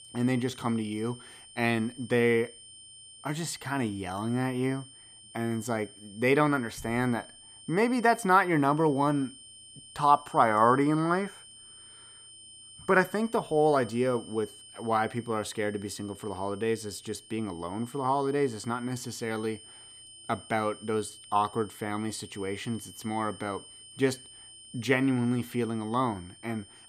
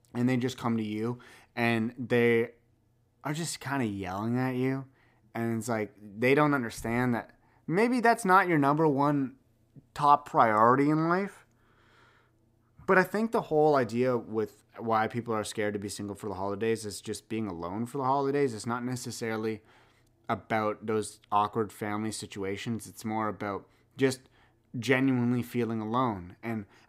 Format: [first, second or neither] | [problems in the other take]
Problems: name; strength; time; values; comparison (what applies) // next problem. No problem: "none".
second | high-pitched whine; noticeable; throughout; 3 kHz, 20 dB below the speech